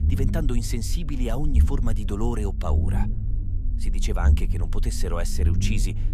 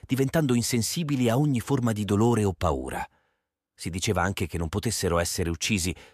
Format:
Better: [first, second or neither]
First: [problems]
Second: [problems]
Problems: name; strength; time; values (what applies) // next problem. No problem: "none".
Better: second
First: low rumble; loud; throughout; 8 dB below the speech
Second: none